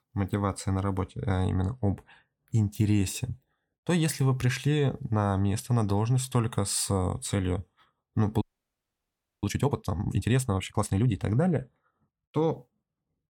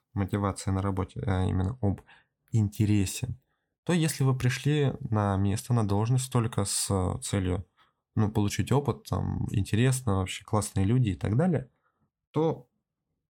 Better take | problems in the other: second | audio freezing; at 8.5 s for 1 s

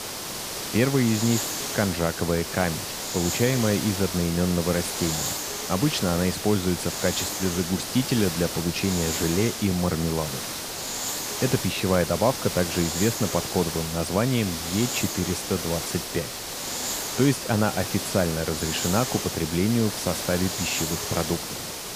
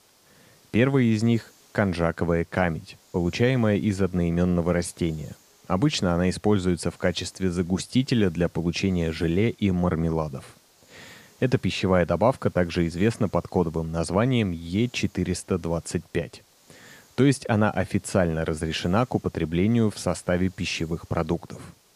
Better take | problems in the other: second | hiss; loud; throughout; 3 dB below the speech; faint in the second

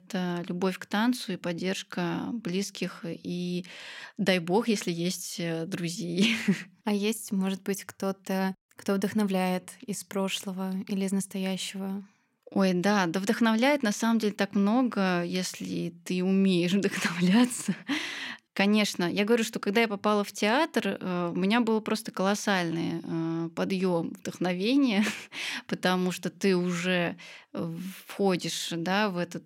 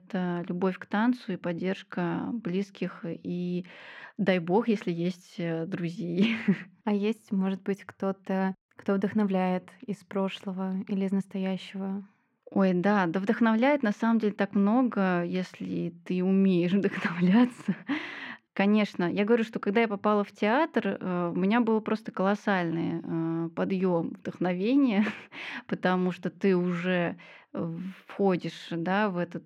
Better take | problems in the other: first | muffled; very; fading above 4 kHz

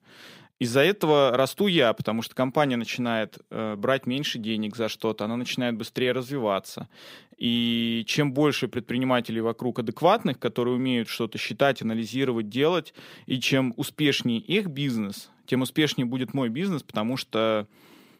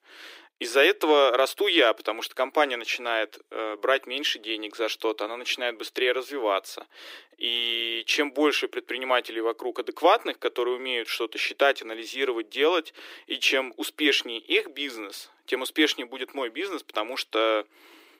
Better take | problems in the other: first | thin; very; fading below 300 Hz

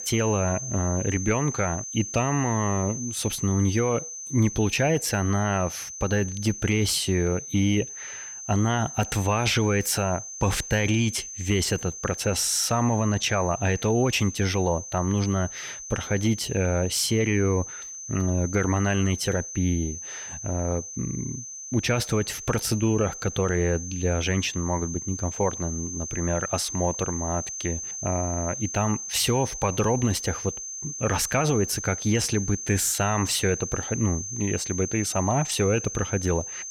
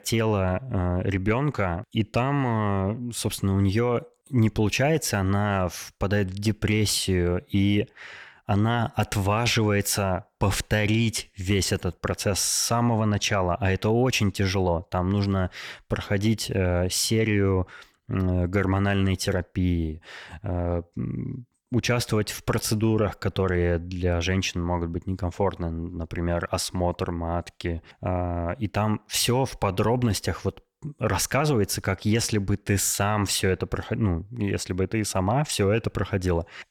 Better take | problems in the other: second | high-pitched whine; loud; throughout; 6.5 kHz, 8 dB below the speech

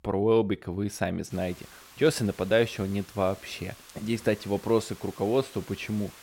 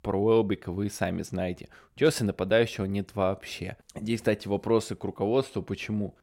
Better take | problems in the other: second | hiss; faint; from 1.5 s on; 20 dB below the speech

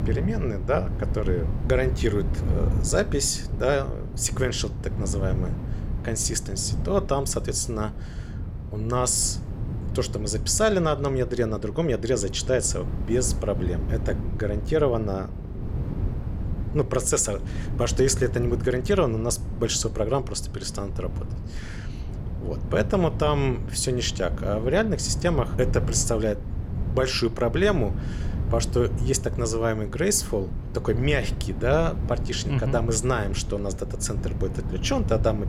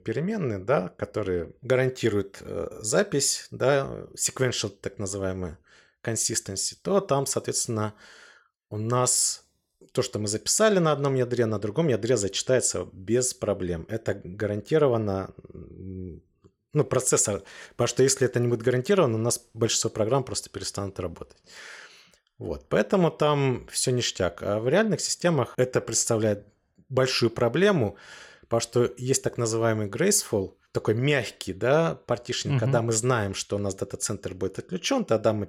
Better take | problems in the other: second | wind noise on the microphone; occasional gusts; 15 dB below the speech

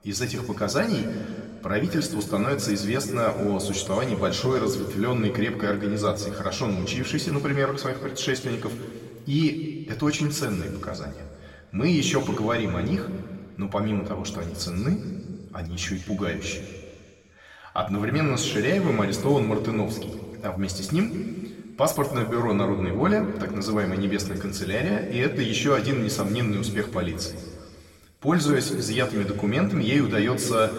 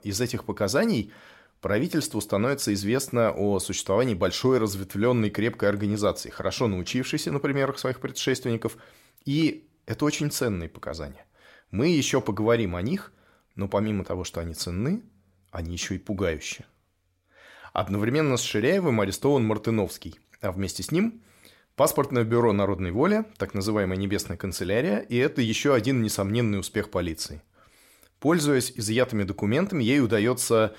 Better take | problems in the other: second | room echo; noticeable; dies away in 1.7 s // off-mic speech; somewhat distant

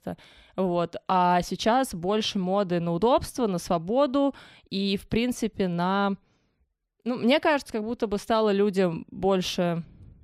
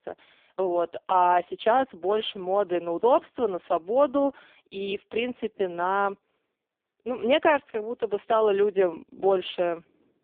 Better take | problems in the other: first | phone-call audio; poor line

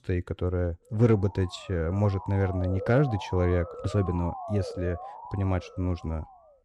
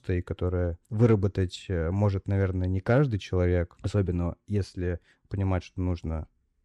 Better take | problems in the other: second | siren; noticeable; from 1 s on; peak 8 dB below the speech

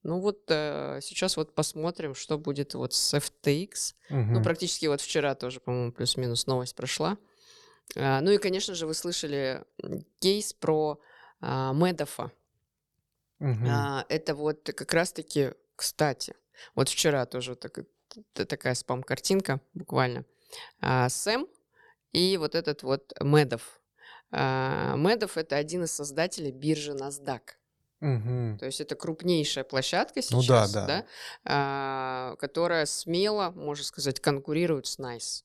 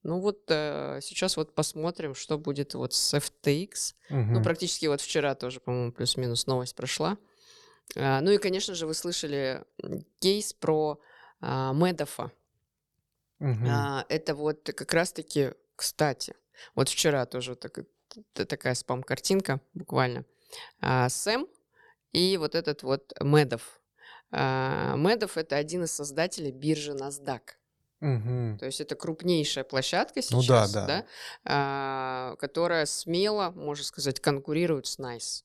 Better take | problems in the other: neither | none

